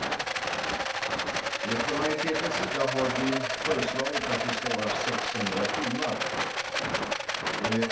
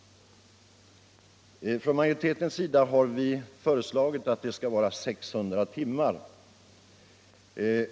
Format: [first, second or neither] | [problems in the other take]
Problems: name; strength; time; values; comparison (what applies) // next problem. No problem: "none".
second | background sound (Rattle); 3 dB above the speech // room echo; dies away in 0.3 s